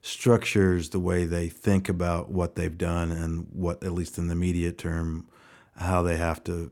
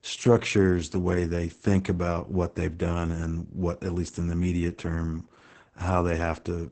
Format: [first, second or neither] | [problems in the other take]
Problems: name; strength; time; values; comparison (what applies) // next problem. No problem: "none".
first | garbled, watery; badly; nothing above 8 kHz